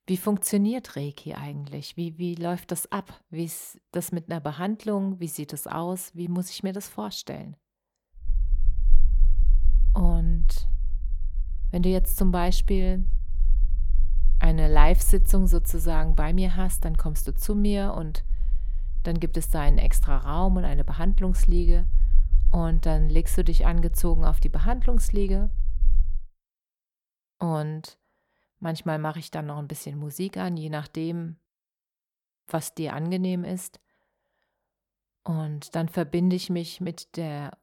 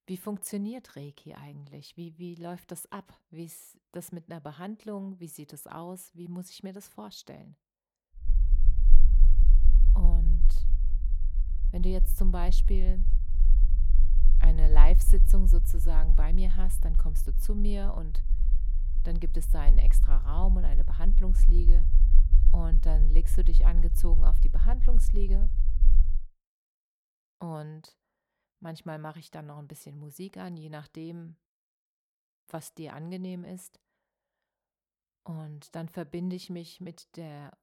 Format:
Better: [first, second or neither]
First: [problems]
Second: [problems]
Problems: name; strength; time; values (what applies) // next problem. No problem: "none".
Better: first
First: low rumble; faint; from 8.5 to 26 s; 20 dB below the speech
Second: low rumble; loud; from 8.5 to 26 s; 10 dB below the speech